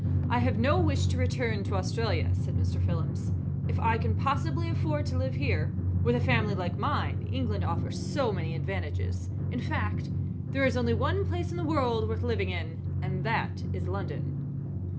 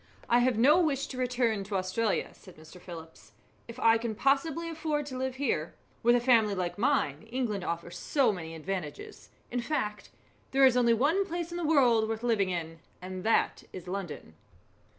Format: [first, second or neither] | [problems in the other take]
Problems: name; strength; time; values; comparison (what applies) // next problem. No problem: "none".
second | background sound (Drum); 4 dB above the speech